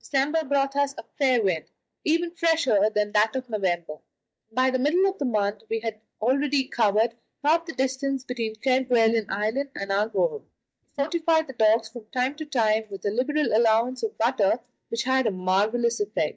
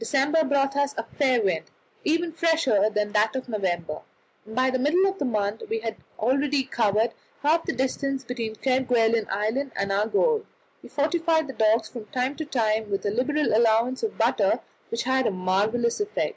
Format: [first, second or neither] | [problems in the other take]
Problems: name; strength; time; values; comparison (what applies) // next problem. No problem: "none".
second | noise reduction (neural mask model DeepFilterNet 3)